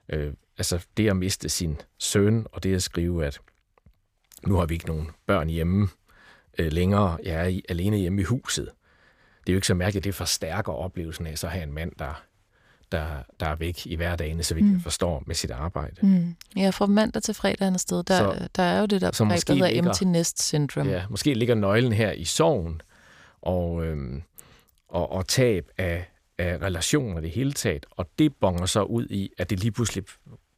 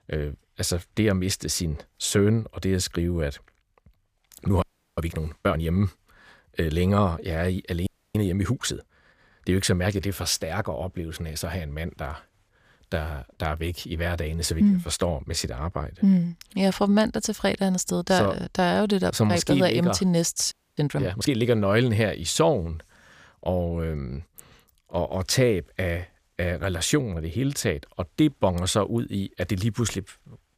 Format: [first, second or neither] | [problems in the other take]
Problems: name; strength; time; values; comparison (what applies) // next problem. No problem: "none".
first | audio freezing; at 4.5 s, at 8 s and at 21 s